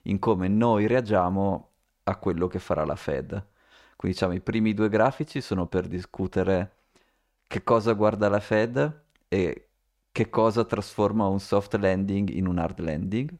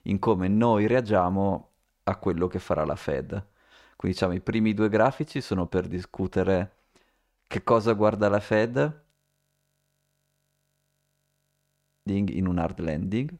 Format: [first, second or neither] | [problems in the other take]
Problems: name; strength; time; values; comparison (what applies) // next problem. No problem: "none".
first | audio freezing; at 9 s for 3 s